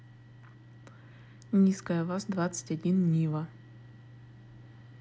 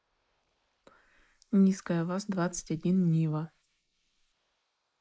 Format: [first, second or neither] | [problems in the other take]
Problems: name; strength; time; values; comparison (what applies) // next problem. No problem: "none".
first | noise reduction (neural mask model Resemble Enhance denoiser)